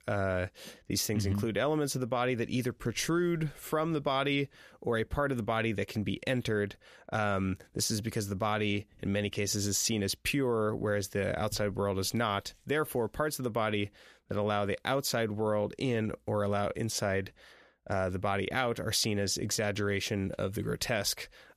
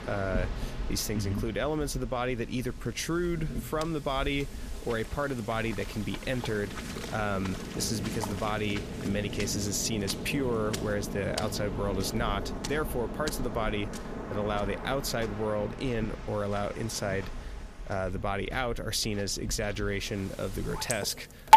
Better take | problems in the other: first | rain or running water; loud; throughout; 7 dB below the speech

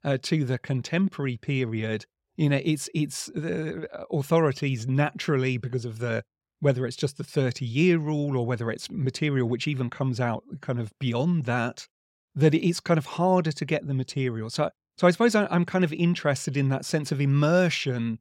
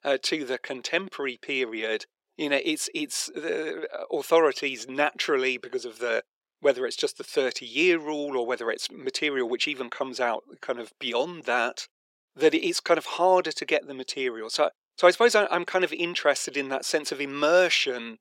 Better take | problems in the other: first | thin; very; fading below 350 Hz

